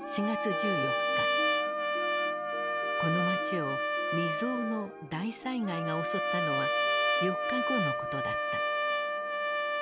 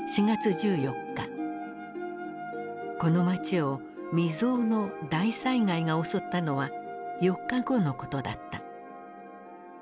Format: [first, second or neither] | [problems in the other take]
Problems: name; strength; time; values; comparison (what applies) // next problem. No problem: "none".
second | background sound (Trumpet); 5 dB above the speech